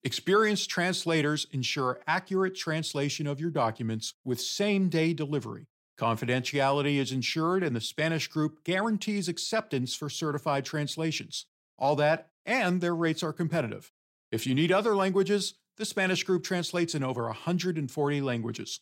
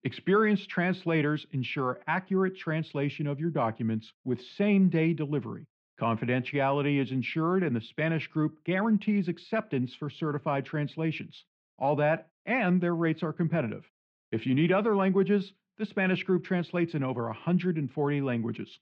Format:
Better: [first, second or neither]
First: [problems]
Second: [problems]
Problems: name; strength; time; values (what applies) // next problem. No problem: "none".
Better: first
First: none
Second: muffled; very; fading above 2.5 kHz